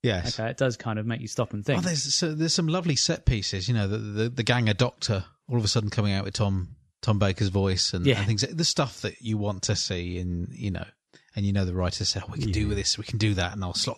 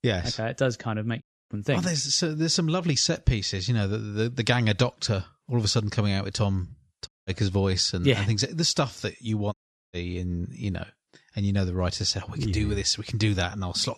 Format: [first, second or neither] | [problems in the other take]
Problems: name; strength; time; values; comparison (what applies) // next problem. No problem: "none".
first | audio cutting out; at 1 s, at 7 s and at 9.5 s